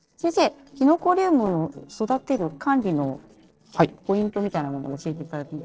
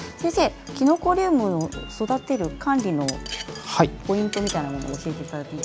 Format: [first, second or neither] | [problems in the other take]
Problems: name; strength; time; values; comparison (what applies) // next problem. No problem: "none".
second | noise reduction (neural separator model SepFormer DNS4)